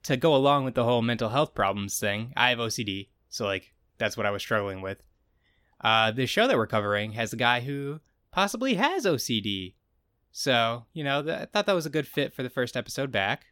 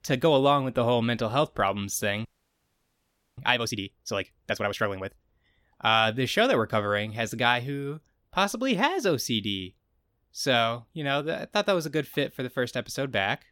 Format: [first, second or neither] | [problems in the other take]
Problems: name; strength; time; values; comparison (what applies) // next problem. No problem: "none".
first | audio freezing; at 2.5 s for 1 s